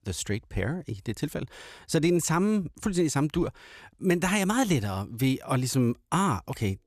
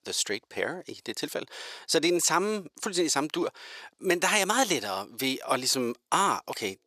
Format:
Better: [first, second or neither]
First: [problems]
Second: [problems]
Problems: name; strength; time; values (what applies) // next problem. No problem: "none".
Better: first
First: none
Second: thin; somewhat; fading below 500 Hz